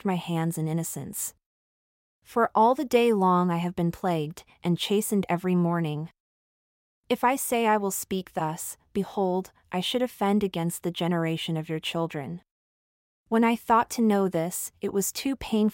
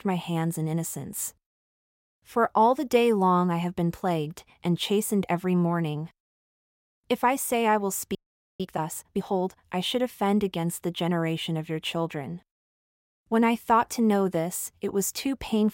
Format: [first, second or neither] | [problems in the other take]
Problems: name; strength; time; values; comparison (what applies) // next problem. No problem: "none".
first | audio freezing; at 8 s